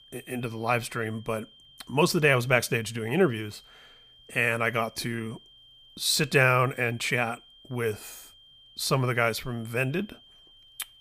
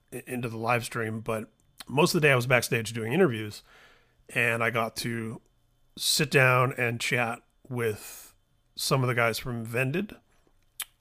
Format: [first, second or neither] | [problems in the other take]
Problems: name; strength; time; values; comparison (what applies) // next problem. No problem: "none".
second | high-pitched whine; faint; throughout; 3 kHz, 25 dB below the speech